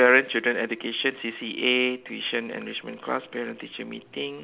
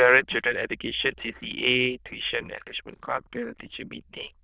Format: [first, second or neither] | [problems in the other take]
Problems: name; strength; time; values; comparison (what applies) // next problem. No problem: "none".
first | noise reduction (neural diffusion model UNIVERSE++)